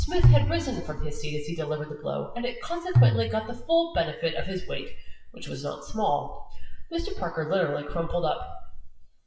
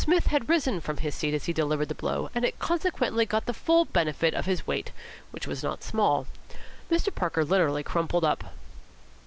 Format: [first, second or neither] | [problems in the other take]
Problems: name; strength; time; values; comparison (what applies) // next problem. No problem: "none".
second | noise reduction (classical method WPE with log-MMSE)